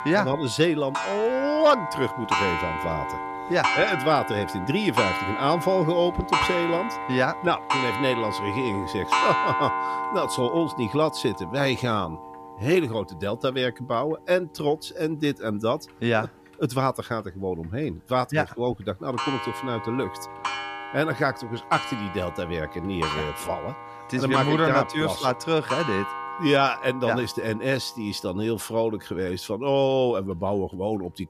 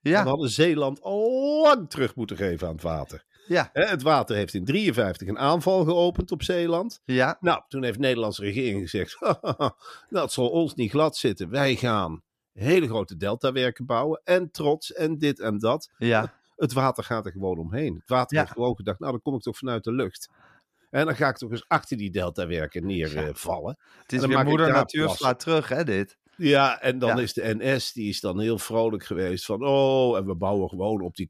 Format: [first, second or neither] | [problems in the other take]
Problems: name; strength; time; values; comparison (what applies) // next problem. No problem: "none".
second | household noises; loud; throughout; 4 dB below the speech